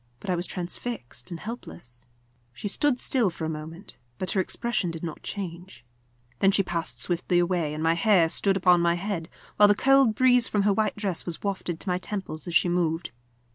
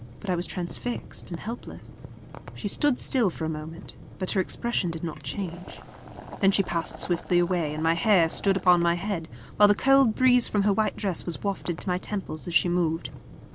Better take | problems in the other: first | background sound (Boiling); 14 dB below the speech

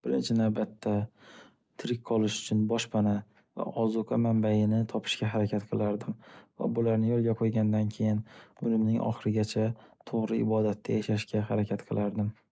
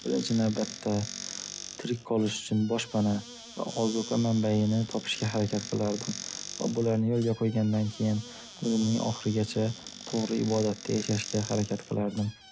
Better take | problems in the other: first | background sound (Squeak / Cupboard open or close); 13 dB below the speech

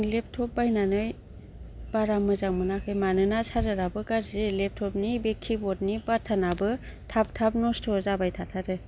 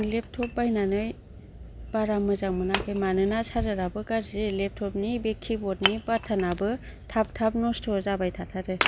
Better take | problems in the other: first | background sound (Wood); 10 dB below the speech

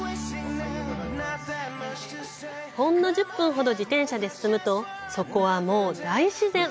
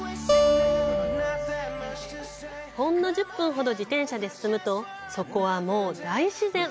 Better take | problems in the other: first | background sound (Acoustic guitar); 1 dB above the speech

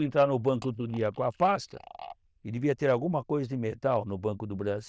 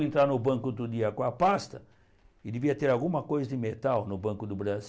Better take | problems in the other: second | noise reduction (neural diffusion model UNIVERSE++)

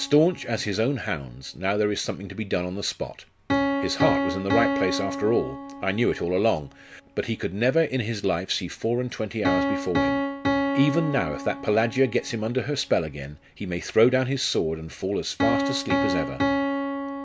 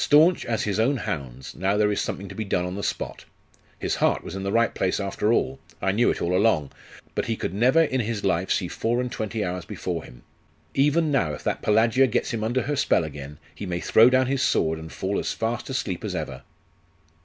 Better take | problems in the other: second | background sound (Piano); 4 dB below the speech

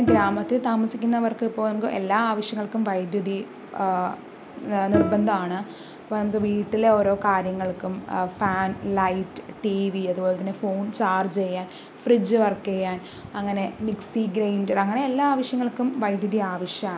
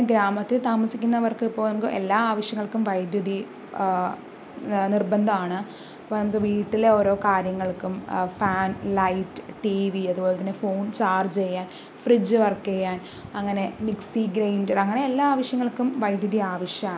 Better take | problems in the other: second | background sound (Bowed string instrument); 7 dB below the speech

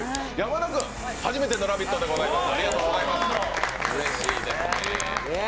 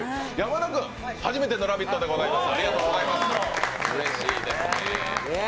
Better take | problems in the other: second | background sound (Scissors + Tools); 12 dB below the speech

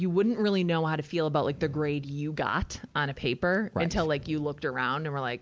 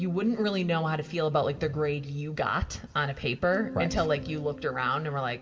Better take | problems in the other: first | background sound (Bass guitar); 17 dB below the speech // room echo; dies away in 1.1 s

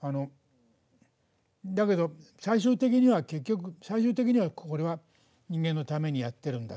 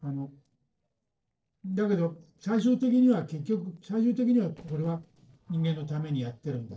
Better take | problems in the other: first | noise reduction (neural separator model SepFormer DNS4)

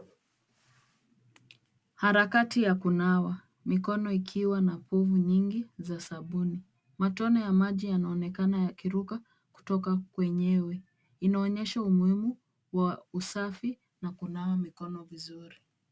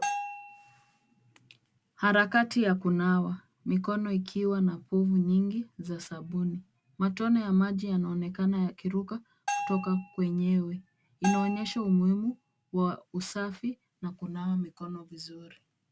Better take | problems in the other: first | background sound (Bell); 9 dB below the speech

